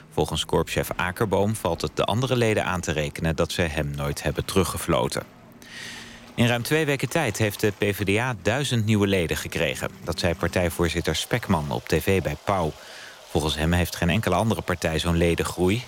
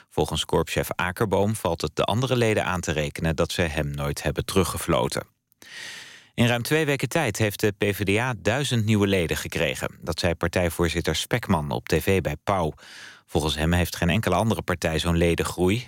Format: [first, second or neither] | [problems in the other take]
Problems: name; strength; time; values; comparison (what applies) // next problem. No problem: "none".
second | rain or running water; faint; throughout; 20 dB below the speech